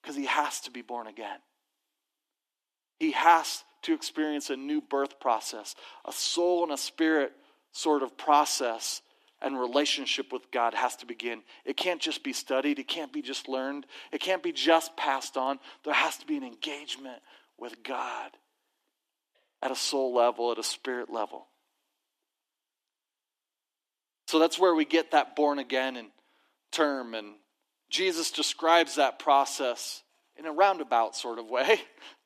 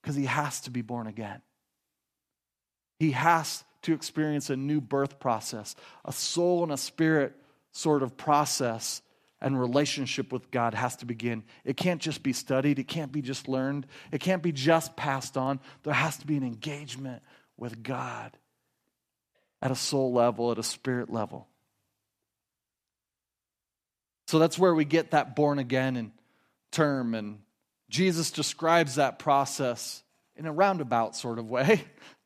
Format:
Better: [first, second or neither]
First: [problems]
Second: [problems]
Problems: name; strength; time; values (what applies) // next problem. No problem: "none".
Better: second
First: thin; somewhat; fading below 300 Hz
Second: none